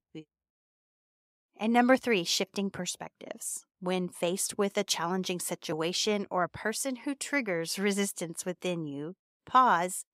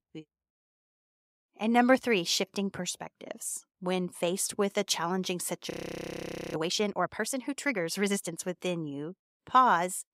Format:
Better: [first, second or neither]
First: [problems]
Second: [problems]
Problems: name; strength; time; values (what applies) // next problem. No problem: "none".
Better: first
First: none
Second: audio freezing; at 5.5 s for 1 s